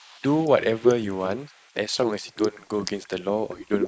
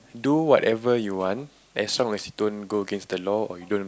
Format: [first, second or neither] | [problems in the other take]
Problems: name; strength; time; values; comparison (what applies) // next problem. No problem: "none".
second | noise reduction (neural mask model Resemble Enhance denoiser)